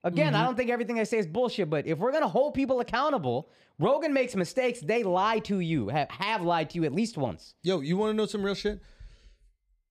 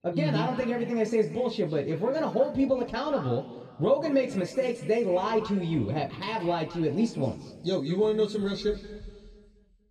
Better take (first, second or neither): first